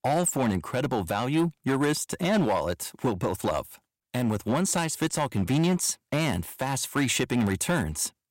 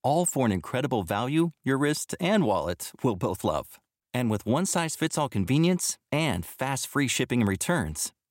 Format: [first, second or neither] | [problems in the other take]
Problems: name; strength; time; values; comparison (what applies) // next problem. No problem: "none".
second | distortion; slight; 7% of the sound clipped